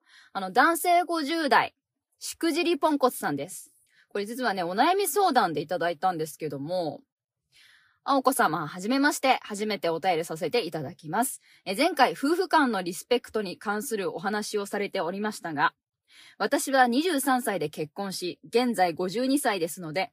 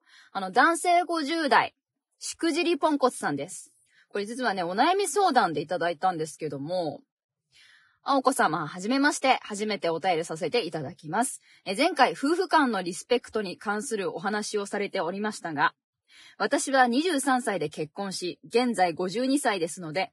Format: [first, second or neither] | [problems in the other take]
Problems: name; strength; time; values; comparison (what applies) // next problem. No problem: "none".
first | garbled, watery; badly; nothing above 11 kHz; slightly in the first